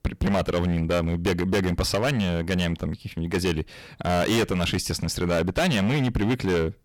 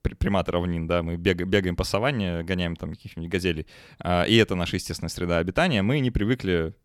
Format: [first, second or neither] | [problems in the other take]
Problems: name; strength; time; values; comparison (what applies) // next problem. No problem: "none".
second | distortion; heavy; 16% of the sound clipped